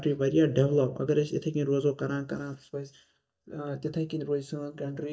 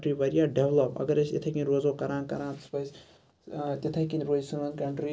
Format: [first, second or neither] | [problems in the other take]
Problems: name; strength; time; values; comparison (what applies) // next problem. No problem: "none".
second | noise reduction (neural mask model DeepFilterNet 3)